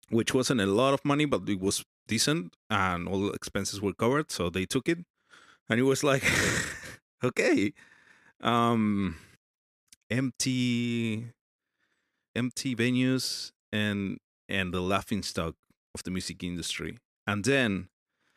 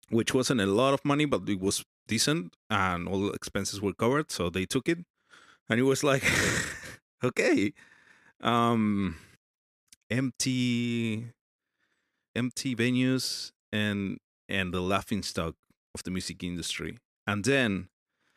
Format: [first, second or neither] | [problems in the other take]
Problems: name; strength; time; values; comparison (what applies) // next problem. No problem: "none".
neither | none